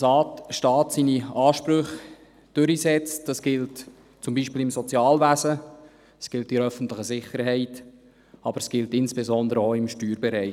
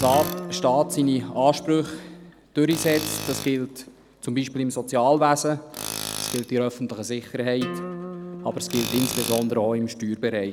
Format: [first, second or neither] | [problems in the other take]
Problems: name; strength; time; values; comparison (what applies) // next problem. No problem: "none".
first | background sound (Tools + Acoustic guitar); 10 dB below the speech